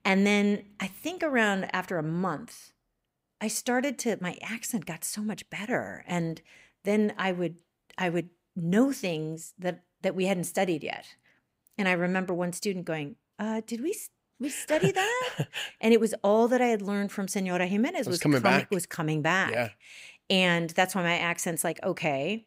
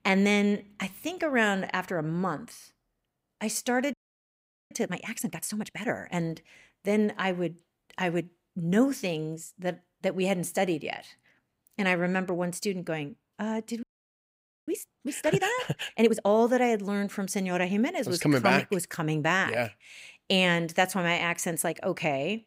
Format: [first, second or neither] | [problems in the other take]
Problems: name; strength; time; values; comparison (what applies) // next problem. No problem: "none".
first | audio freezing; at 4 s for 1 s and at 14 s for 1 s